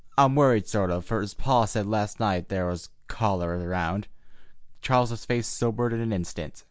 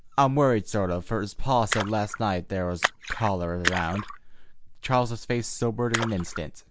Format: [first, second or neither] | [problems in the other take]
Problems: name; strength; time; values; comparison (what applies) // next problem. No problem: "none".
first | background sound (Splash, splatter); 9 dB below the speech